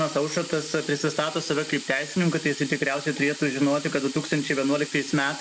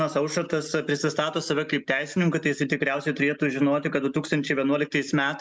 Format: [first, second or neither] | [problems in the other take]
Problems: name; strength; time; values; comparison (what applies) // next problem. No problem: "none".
second | background sound (Sink (filling or washing)); 13 dB below the speech